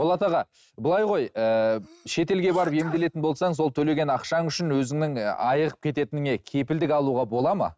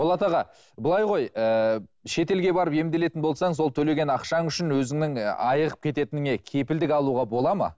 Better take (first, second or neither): second